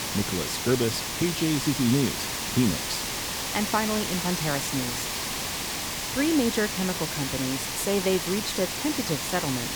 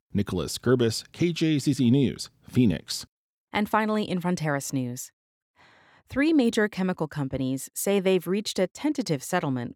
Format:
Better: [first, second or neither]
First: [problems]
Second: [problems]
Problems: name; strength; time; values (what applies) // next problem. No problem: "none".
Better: second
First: hiss; loud; throughout; 1 dB below the speech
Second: none